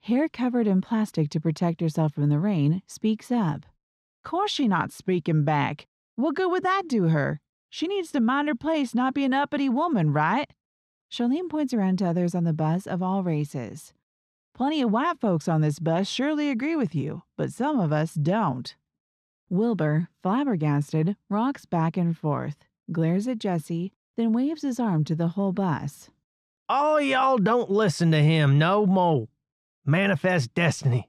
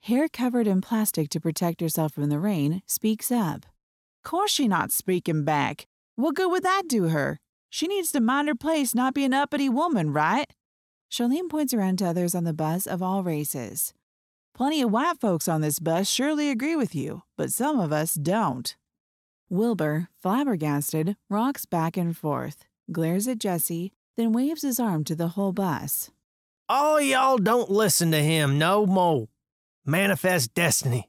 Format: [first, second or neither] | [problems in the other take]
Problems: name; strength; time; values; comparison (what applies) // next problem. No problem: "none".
second | muffled; slightly; fading above 3.5 kHz